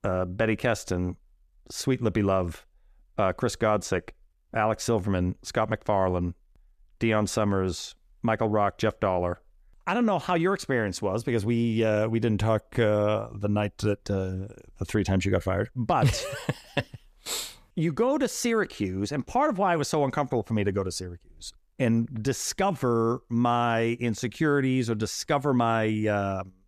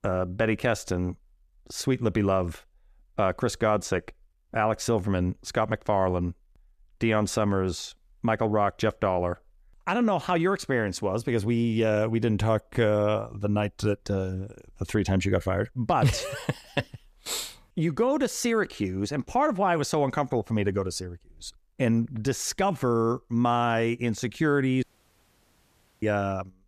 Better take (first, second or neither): first